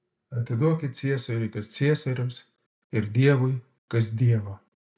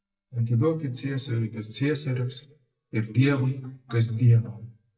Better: first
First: none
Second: noise reduction (neural mask model DeepFilterNet 3)

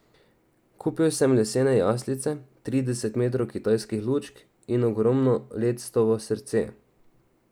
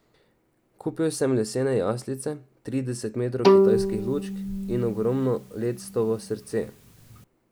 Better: first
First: none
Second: background sound (Bowed string instrument); 2 dB above the speech

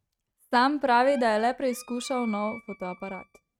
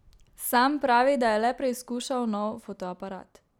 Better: second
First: noise reduction (neural mask model RNNoise)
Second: none

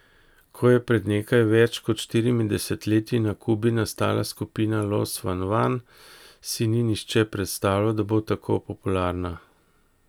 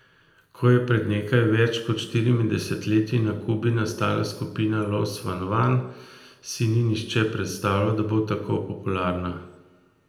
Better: first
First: none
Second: room echo; dies away in 0.7 s

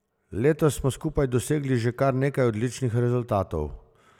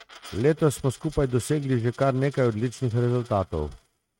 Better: first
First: none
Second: noise reduction (neural mask model RNNoise)

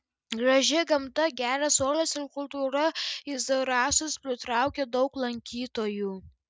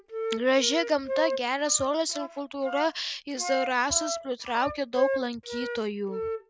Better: first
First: none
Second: background sound (Wind instrument, woodwind instrument); 6 dB below the speech

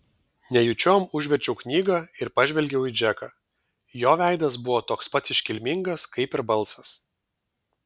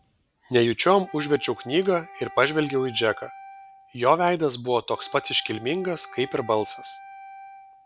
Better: first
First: none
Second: background sound (Wind instrument, woodwind instrument); 19 dB below the speech

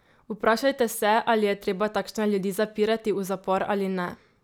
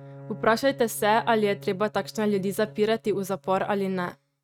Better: first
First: none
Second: noise reduction (neural mask model RNNoise)

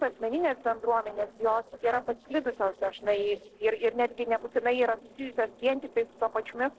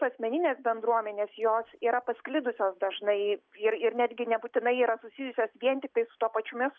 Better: second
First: noise reduction (neural separator model SepFormer DNS4)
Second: none

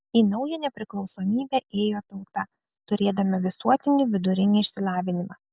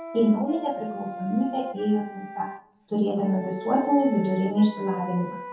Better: first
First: none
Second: background sound (Wind instrument, woodwind instrument); 12 dB below the speech // room echo; dies away in 0.6 s

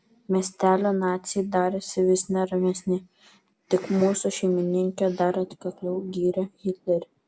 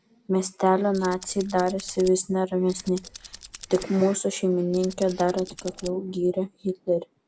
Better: first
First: none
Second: background sound (Tools); 17 dB below the speech

